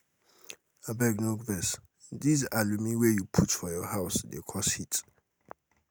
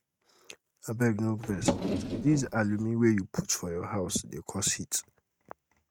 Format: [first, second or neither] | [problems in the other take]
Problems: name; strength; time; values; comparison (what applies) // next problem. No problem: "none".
first | noise reduction (neural mask model RNNoise)